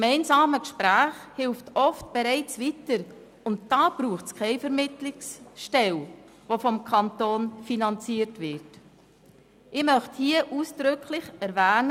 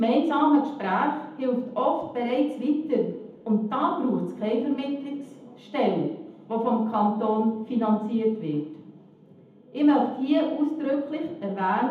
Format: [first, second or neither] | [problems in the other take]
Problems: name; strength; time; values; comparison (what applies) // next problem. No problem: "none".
first | room echo; dies away in 0.8 s